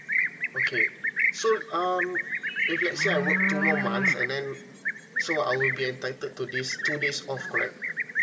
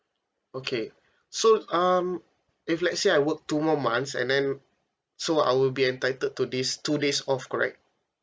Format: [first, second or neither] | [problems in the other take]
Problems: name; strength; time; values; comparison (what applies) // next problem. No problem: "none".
second | background sound (Livestock, farm animals, working animals); 3 dB above the speech // room echo; dies away in 2.5 s